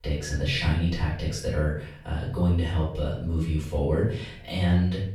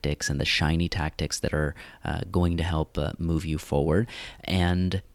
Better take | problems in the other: second | room echo; noticeable; dies away in 0.5 s // off-mic speech; far

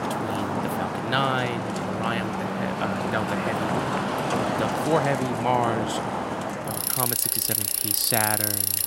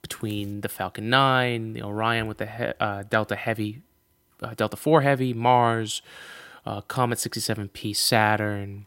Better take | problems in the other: second | traffic noise; very loud; throughout; 3 dB above the speech

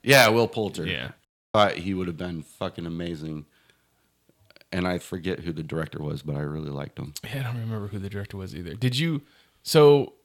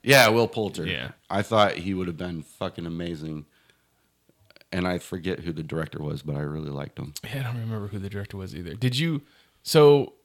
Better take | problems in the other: second | audio cutting out; at 1.5 s

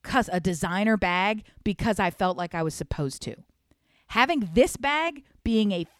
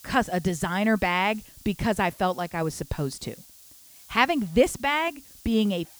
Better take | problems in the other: first | hiss; faint; throughout; 20 dB below the speech

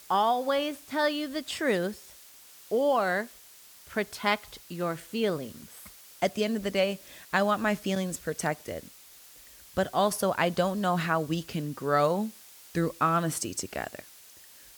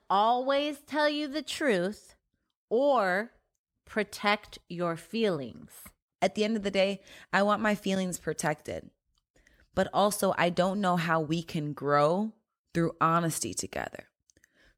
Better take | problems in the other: second | hiss; noticeable; throughout; 20 dB below the speech

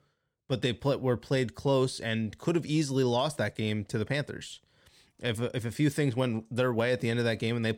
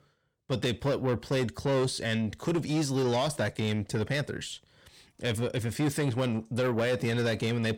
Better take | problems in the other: first | distortion; slight; 10 dB below the speech

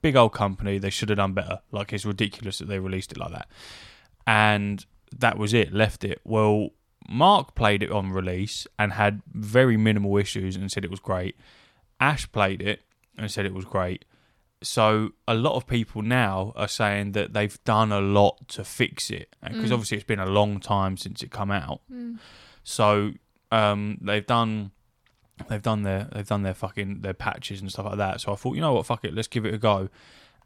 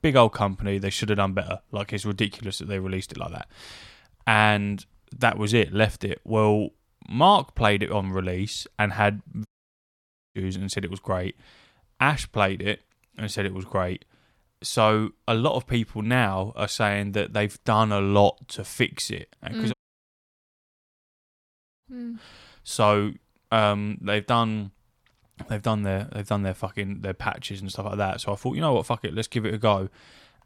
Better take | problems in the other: first | audio cutting out; at 9.5 s for 1 s and at 20 s for 2 s

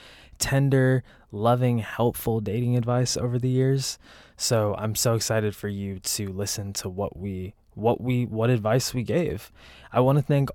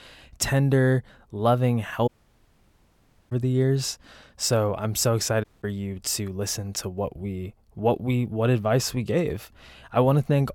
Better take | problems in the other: first | audio cutting out; at 2 s for 1 s and at 5.5 s

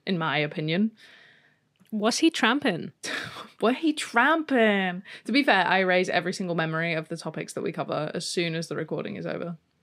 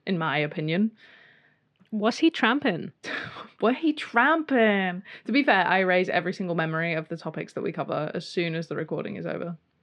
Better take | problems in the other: first | muffled; very slightly; fading above 3.5 kHz

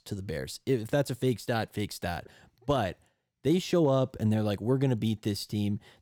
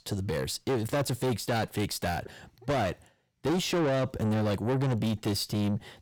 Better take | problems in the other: first | distortion; heavy; 7 dB below the speech

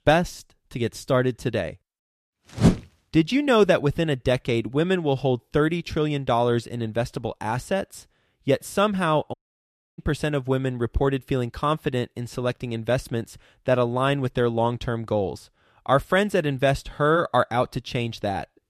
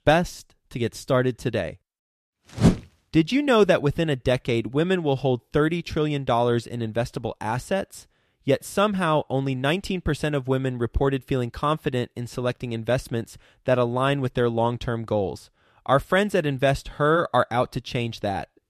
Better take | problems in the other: second | audio cutting out; at 9.5 s for 0.5 s

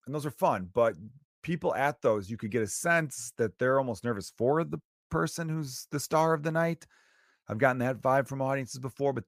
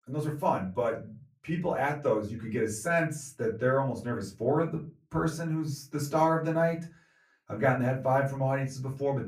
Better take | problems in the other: first | off-mic speech; far // room echo; very slight; dies away in 0.3 s

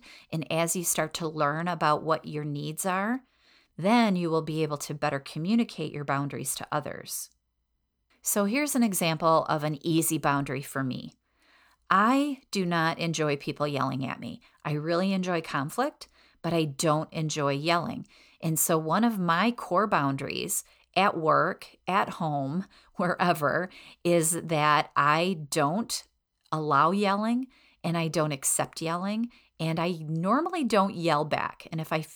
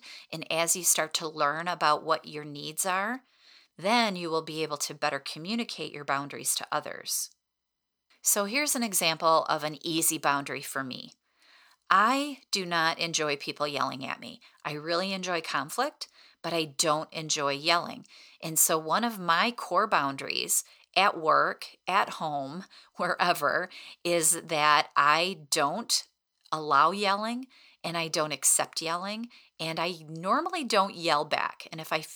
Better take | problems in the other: first | thin; somewhat; fading below 650 Hz

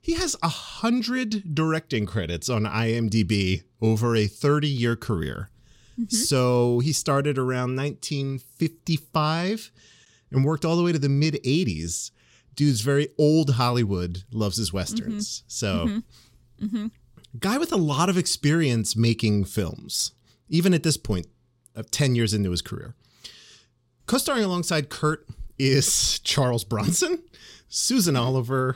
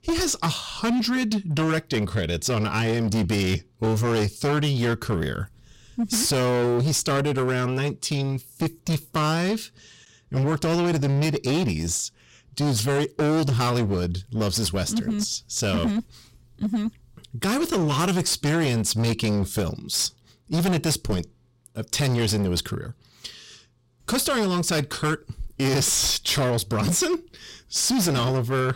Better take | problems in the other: first | distortion; heavy; 20% of the sound clipped

